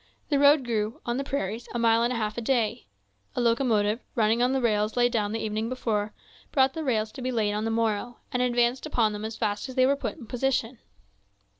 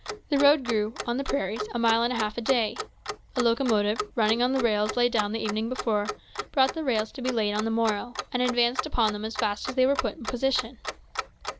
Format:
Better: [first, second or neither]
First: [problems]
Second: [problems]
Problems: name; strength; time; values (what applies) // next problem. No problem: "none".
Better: first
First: none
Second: background sound (Clock); 10 dB below the speech